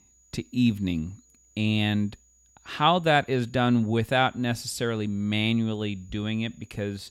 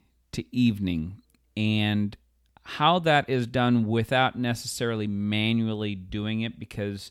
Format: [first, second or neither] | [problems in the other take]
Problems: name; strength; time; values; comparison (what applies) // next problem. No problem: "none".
second | high-pitched whine; faint; throughout; 7 kHz, 35 dB below the speech